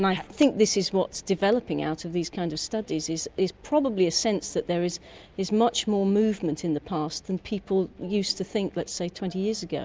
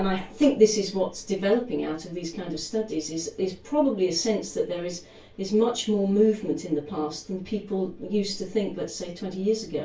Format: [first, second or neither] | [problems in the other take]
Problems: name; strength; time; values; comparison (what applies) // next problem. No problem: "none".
first | room echo; dies away in 0.2 s